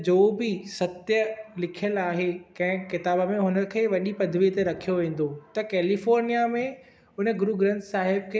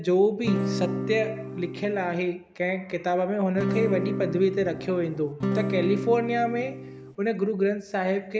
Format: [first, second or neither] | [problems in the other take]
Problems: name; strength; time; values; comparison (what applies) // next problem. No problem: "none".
first | background sound (Acoustic guitar / Strum); 4 dB below the speech